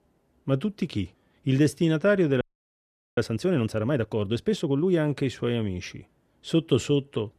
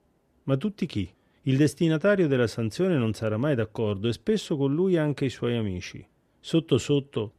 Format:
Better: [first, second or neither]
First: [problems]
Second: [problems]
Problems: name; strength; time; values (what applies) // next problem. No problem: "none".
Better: second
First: audio freezing; at 2.5 s for 1 s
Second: none